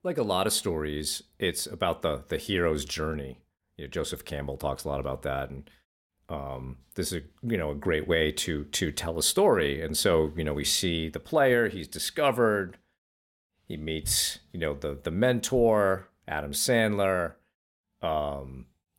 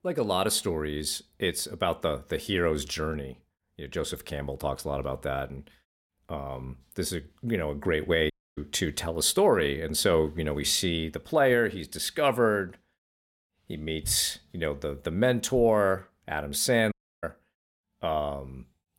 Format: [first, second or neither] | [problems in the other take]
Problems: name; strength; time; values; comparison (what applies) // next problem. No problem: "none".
first | audio cutting out; at 8.5 s and at 17 s